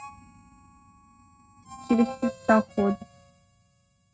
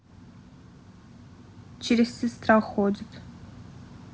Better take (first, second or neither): second